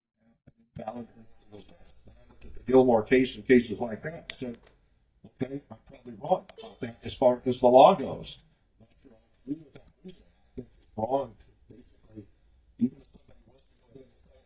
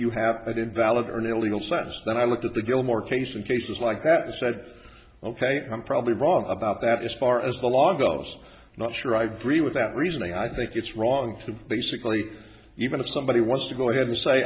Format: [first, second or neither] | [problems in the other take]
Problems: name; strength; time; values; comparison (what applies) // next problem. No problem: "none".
second | noise reduction (neural mask model DeepFilterNet 3)